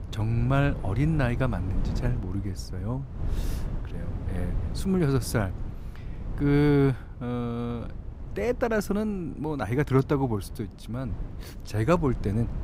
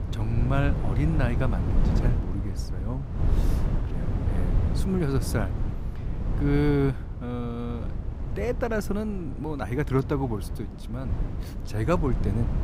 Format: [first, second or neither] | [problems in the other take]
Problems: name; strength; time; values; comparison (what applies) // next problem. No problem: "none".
first | wind noise on the microphone; heavy; 8 dB below the speech; occasional gusts in the first